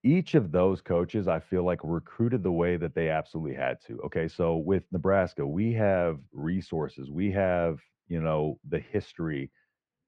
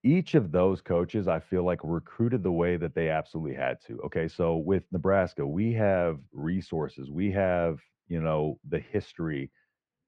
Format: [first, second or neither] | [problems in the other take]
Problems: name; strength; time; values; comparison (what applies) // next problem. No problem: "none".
neither | muffled; very; fading above 2 kHz; the same in both